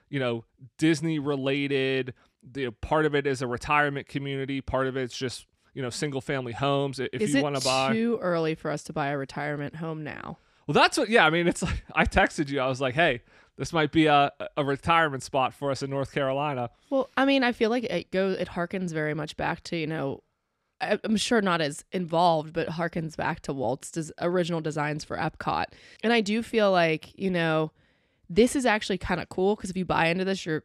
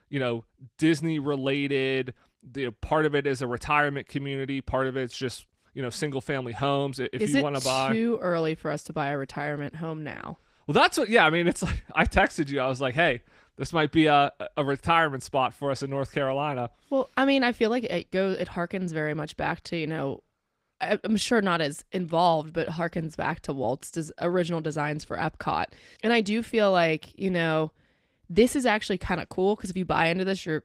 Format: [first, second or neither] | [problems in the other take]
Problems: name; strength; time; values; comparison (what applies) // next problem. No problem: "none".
first | garbled, watery; slightly; nothing above 15.5 kHz